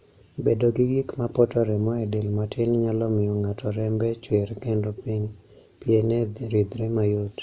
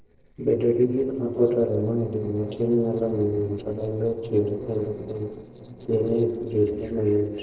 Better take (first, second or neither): first